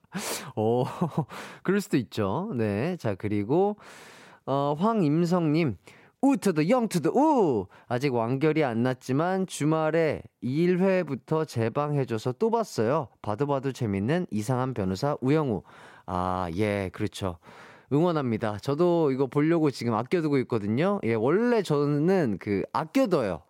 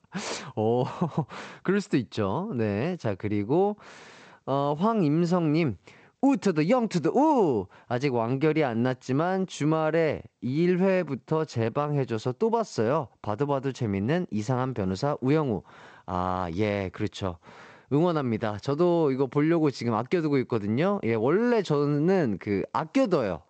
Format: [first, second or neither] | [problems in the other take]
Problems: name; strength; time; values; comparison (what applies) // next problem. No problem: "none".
first | garbled, watery; slightly; nothing above 8 kHz